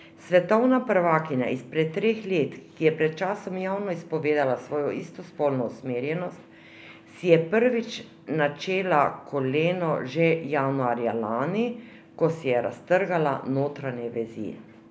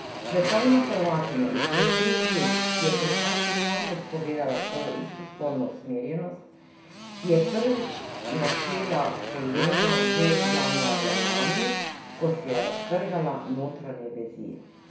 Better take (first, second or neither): first